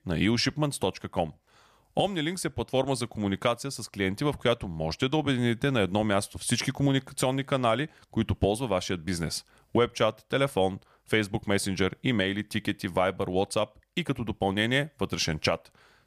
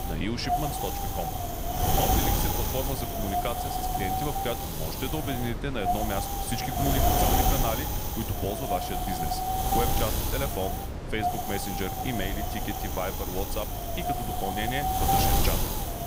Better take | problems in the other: first | wind noise on the microphone; heavy; 5 dB above the speech

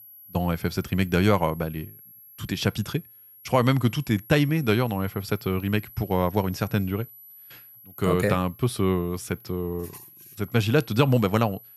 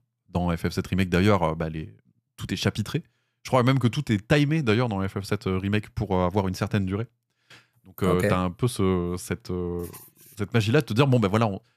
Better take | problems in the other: second | high-pitched whine; faint; throughout; 12 kHz, 20 dB below the speech

